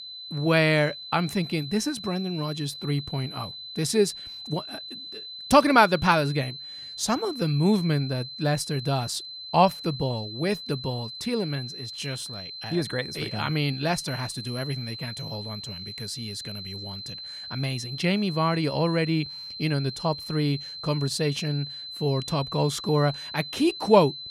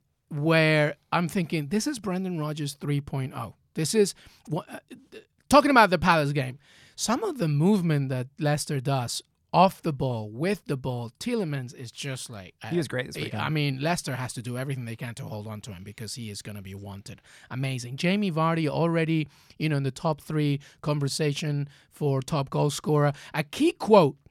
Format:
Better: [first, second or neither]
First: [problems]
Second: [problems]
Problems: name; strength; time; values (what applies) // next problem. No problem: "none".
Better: second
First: high-pitched whine; noticeable; throughout; 4 kHz, 10 dB below the speech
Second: none